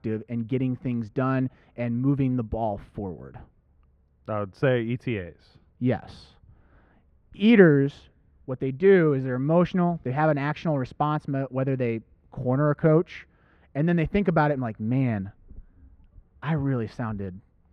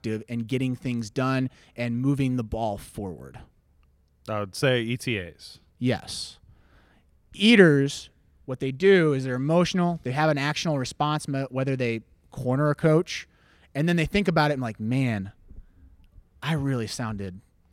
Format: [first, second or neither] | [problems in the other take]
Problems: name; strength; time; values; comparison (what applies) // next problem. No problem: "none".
second | muffled; very; fading above 4 kHz